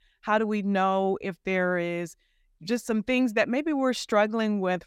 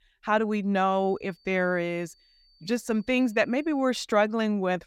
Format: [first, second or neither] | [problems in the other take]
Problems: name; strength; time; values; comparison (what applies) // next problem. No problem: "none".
first | high-pitched whine; faint; from 1 to 4 s; 4.5 kHz, 35 dB below the speech